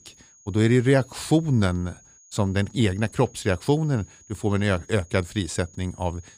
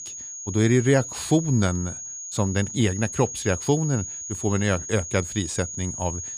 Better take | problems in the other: first | high-pitched whine; loud; throughout; 6.5 kHz, 8 dB below the speech; faint in the first

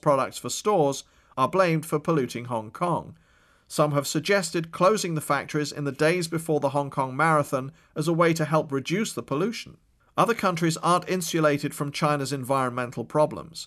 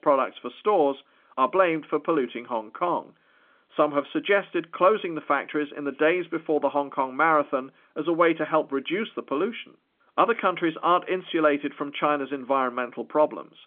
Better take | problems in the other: first | phone-call audio; nothing above 3.5 kHz

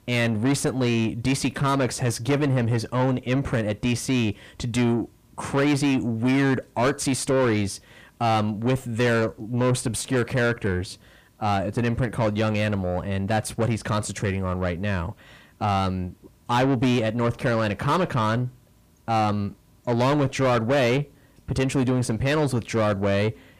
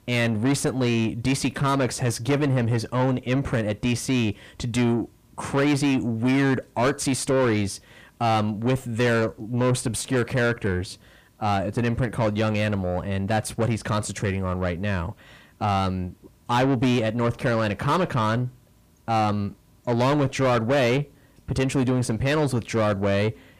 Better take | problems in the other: neither | distortion; heavy; 7 dB below the speech; the same in both

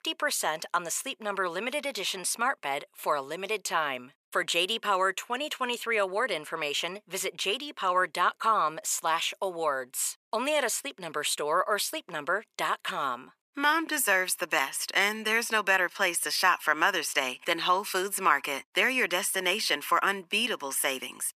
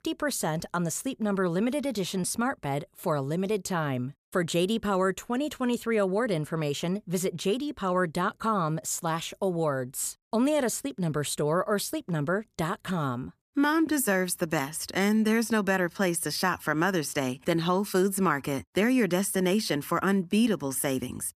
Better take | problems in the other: second | thin; very; fading below 550 Hz

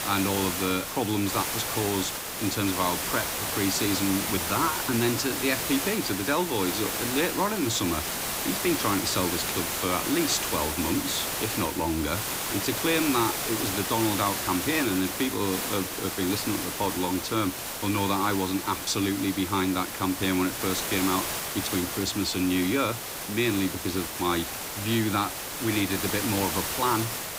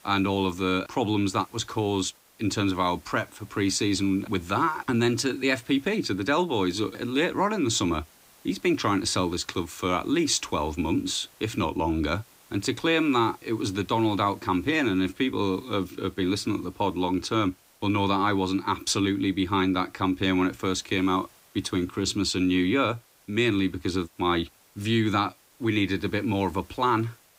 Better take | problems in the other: second | hiss; loud; throughout; 2 dB below the speech; faint in the second

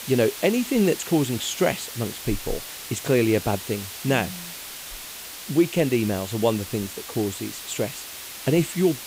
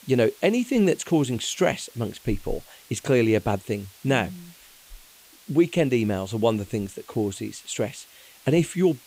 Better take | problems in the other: second | hiss; loud; throughout; 10 dB below the speech; faint in the second

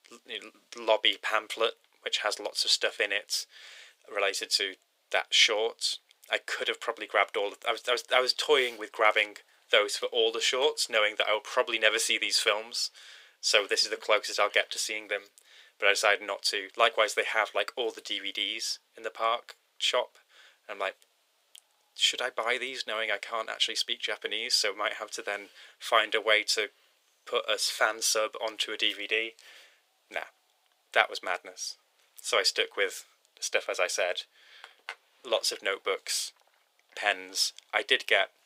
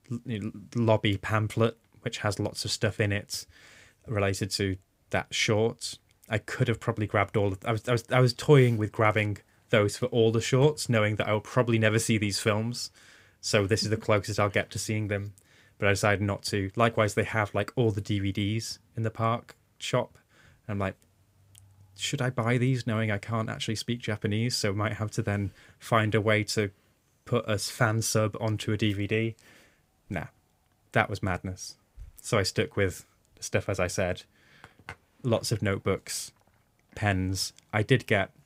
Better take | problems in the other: second | thin; very; fading below 450 Hz

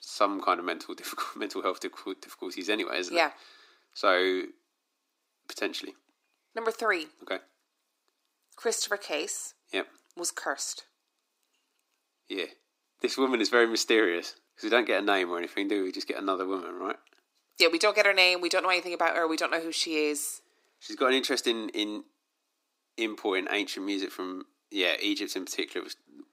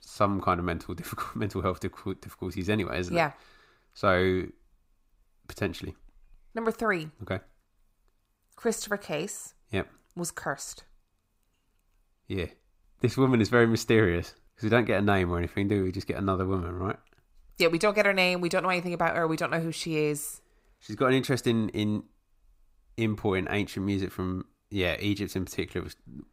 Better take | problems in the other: second | thin; somewhat; fading below 300 Hz

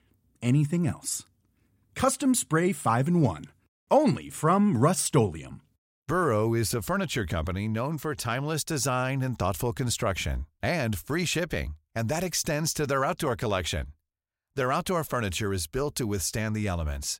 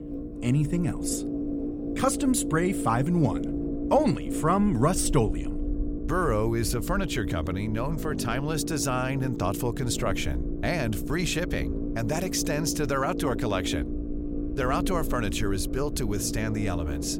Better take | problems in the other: first | low rumble; loud; throughout; 8 dB below the speech

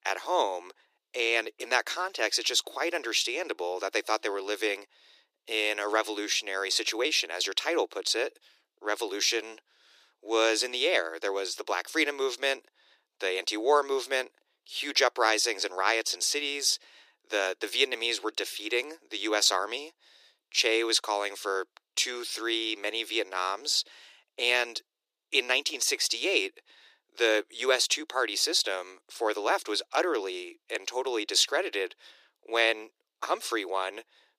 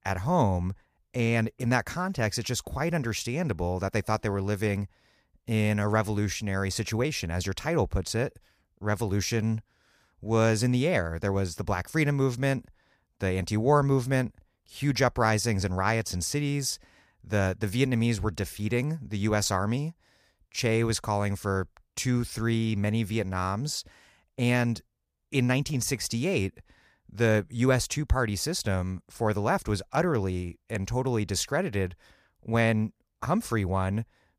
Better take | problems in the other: second | thin; very; fading below 300 Hz

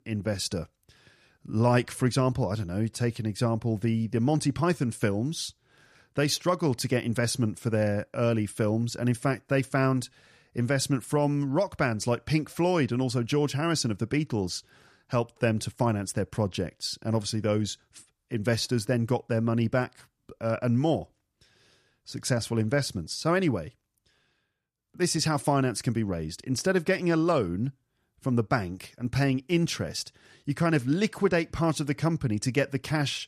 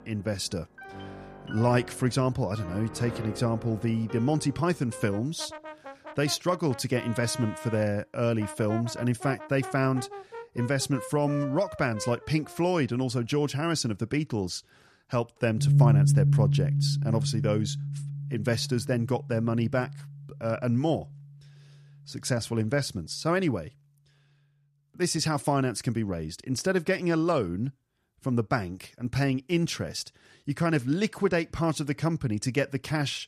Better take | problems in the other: first | background music; loud; until 25 s; 3 dB below the speech

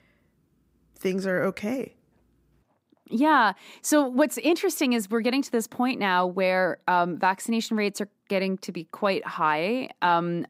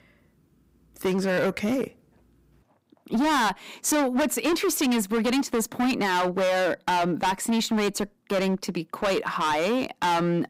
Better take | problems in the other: first | distortion; heavy; 19% of the sound clipped

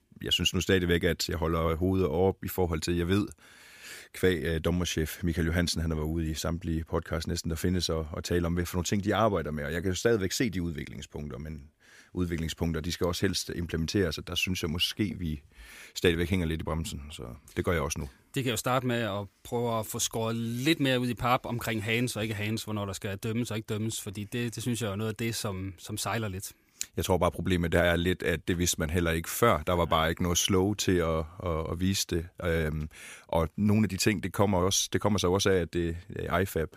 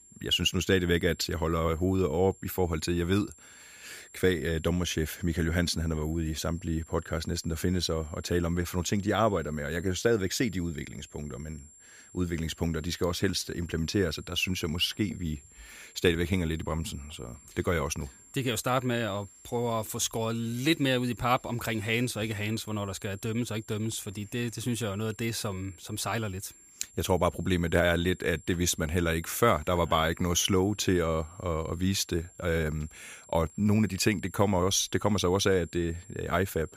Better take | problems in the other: first | high-pitched whine; faint; throughout; 7.5 kHz, 25 dB below the speech

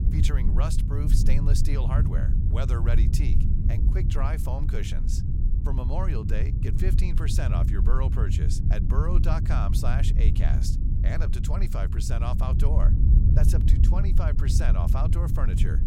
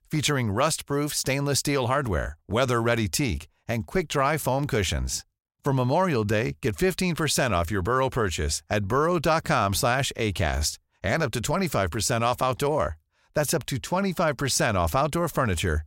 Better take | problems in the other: second | low rumble; loud; throughout; 3 dB below the speech

